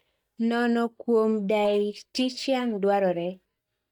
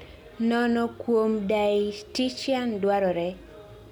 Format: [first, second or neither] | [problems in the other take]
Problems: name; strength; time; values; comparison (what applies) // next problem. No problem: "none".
second | noise reduction (neural mask model DeepFilterNet 3)